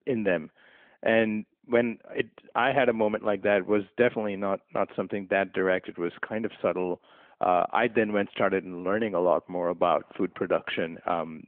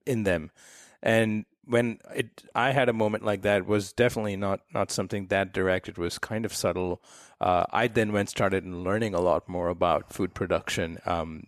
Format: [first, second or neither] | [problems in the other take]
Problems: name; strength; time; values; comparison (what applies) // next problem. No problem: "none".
second | phone-call audio; nothing above 3 kHz